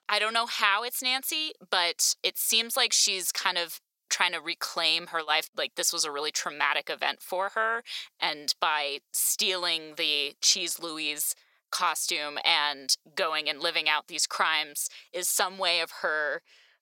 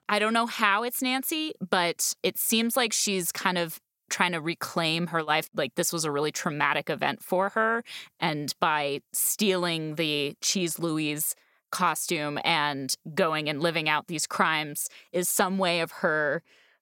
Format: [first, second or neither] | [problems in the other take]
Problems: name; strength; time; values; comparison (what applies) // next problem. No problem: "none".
second | thin; very; fading below 500 Hz